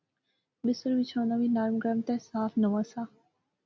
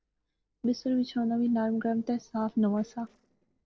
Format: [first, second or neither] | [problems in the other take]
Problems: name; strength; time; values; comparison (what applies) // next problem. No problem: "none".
first | noise reduction (neural separator model SepFormer DNS4)